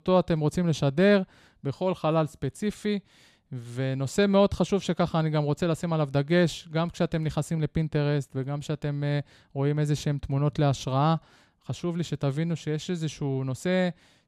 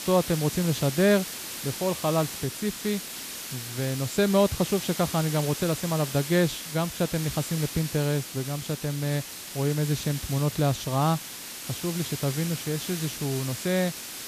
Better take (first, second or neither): first